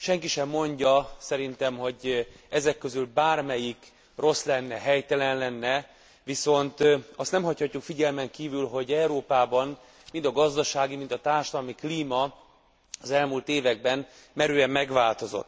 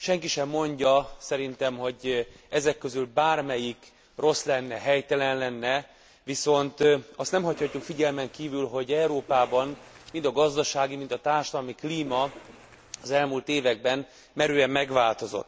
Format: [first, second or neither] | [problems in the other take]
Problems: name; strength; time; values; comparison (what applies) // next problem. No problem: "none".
first | background sound (Cough); 19 dB below the speech